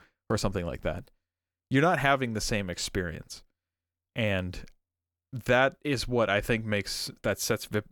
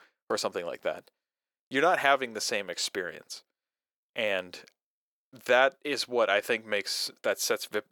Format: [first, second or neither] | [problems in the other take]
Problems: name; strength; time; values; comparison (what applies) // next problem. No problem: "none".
first | thin; somewhat; fading below 450 Hz